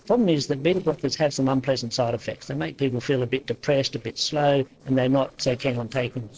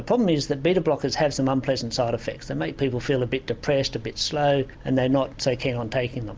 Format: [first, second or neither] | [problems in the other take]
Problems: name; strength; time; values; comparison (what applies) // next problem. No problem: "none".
second | noise reduction (neural separator model SepFormer DNS4)